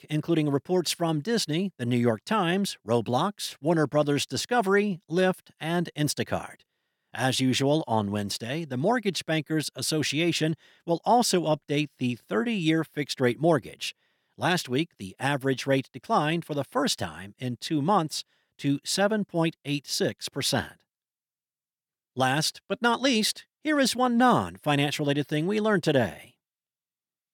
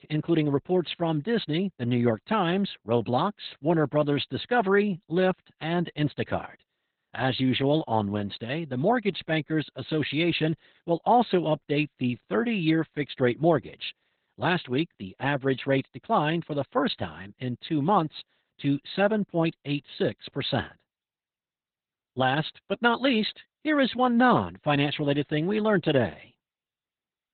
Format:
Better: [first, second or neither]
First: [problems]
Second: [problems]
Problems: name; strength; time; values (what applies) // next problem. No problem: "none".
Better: first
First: none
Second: garbled, watery; badly; nothing above 4 kHz